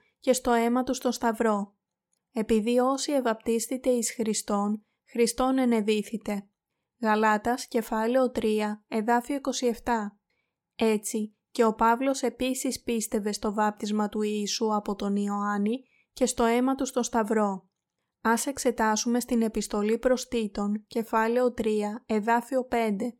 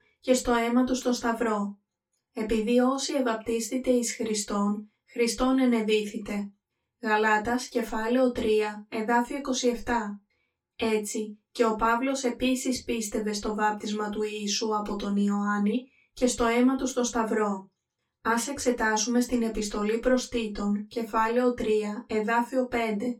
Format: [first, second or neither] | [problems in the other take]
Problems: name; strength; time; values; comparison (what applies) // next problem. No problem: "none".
first | room echo; very slight; dies away in 0.1 s // off-mic speech; far